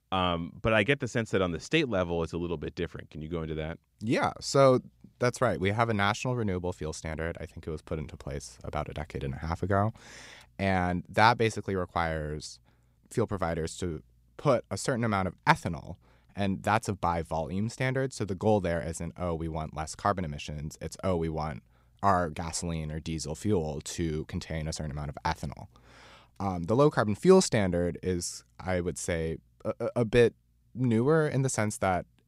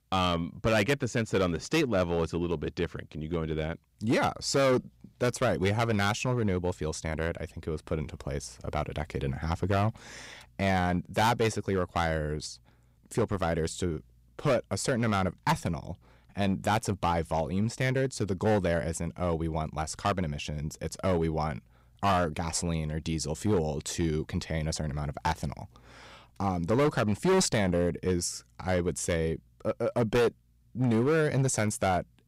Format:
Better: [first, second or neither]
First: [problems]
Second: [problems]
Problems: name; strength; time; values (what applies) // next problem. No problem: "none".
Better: first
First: none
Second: distortion; heavy; 6% of the sound clipped